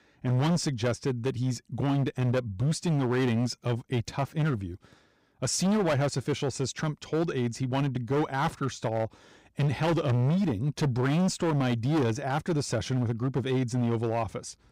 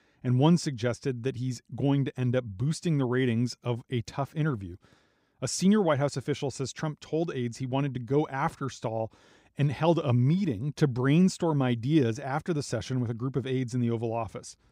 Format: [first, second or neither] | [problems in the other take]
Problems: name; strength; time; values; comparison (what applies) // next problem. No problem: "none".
second | distortion; heavy; 16% of the sound clipped